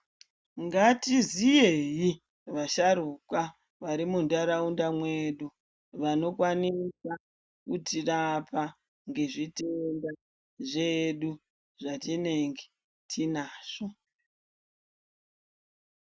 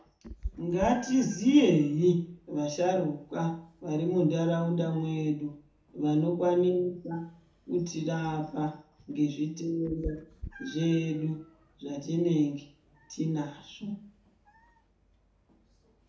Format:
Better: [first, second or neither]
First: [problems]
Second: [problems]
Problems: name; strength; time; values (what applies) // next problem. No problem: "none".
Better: first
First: none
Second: background sound (Meow); 20 dB below the speech // room echo; dies away in 0.5 s